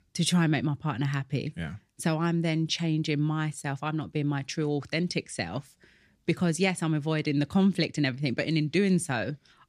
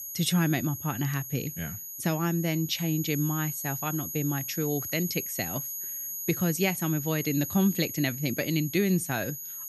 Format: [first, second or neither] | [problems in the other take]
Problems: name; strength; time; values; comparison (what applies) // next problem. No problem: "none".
first | high-pitched whine; loud; throughout; 6.5 kHz, 5 dB below the speech